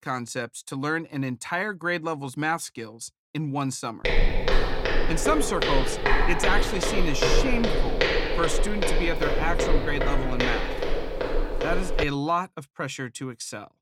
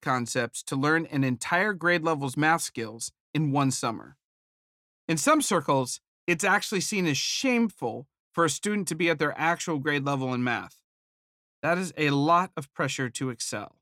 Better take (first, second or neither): second